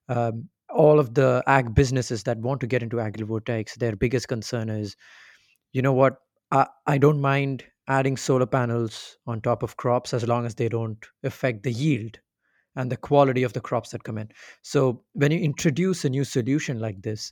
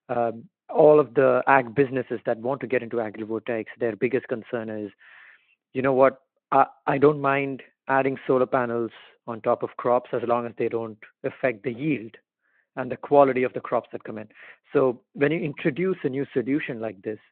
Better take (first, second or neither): first